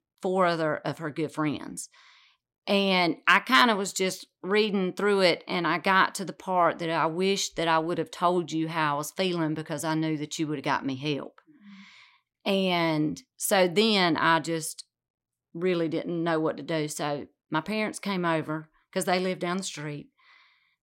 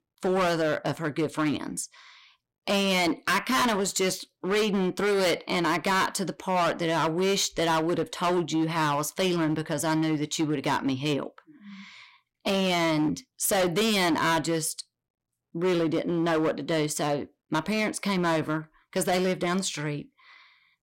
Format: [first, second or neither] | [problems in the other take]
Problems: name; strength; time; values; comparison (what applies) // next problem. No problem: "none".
first | distortion; heavy; 15% of the sound clipped